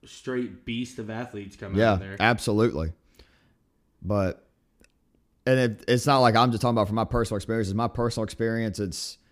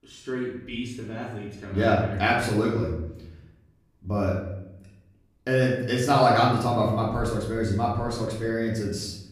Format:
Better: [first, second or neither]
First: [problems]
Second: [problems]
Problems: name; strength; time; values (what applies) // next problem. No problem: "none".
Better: first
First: none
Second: off-mic speech; far // room echo; noticeable; dies away in 0.7 s